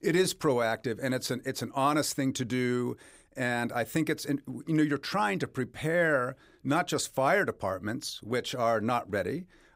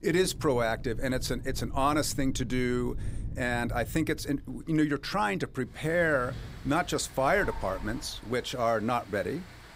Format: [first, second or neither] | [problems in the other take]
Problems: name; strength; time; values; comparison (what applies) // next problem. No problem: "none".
first | rain or running water; noticeable; throughout; 15 dB below the speech